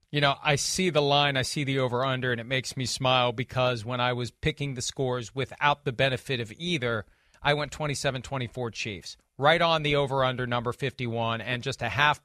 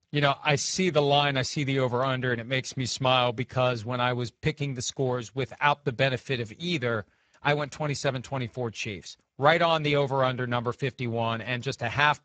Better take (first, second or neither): first